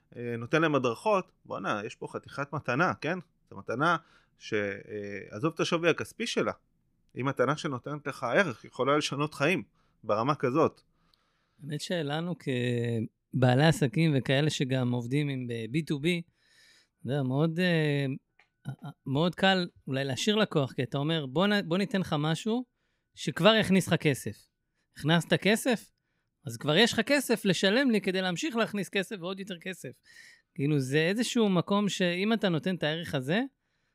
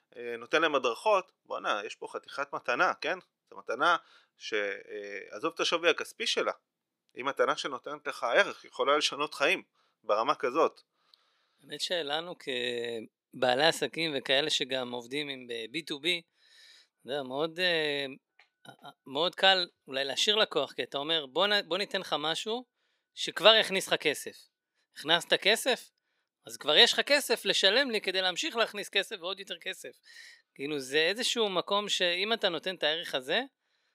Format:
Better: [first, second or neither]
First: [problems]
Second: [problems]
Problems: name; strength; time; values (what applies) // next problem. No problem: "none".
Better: first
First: none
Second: thin; very; fading below 550 Hz